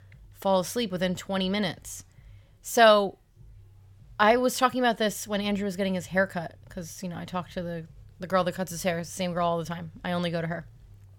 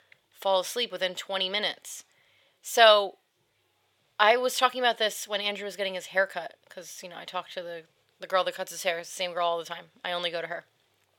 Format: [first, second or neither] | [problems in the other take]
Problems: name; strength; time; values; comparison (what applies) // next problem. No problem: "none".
first | thin; very; fading below 500 Hz